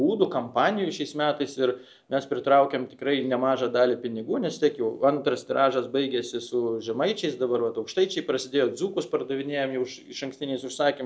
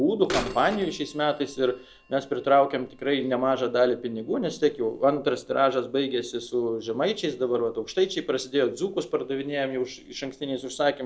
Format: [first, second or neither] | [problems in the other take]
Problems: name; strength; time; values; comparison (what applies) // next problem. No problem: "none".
first | background sound (Bird vocalization, bird call, bird song / Telephone); 18 dB below the speech